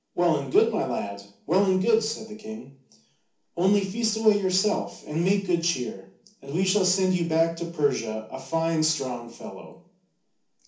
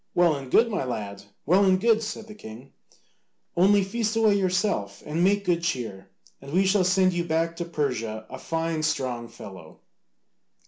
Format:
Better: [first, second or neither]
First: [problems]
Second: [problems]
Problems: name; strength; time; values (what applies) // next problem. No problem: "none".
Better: second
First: room echo; dies away in 0.4 s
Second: none